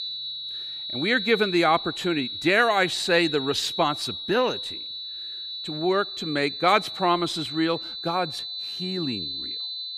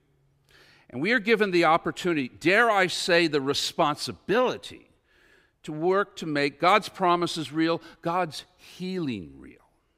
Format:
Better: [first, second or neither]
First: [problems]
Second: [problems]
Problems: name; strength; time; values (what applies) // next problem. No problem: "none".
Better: second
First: high-pitched whine; loud; throughout; 4 kHz, 7 dB below the speech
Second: none